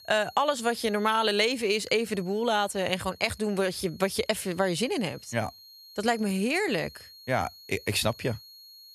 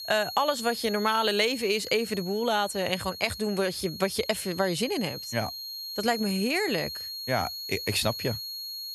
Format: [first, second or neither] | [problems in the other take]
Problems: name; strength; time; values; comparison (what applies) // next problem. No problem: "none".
first | high-pitched whine; loud; throughout; 4.5 kHz, 8 dB below the speech; faint in the first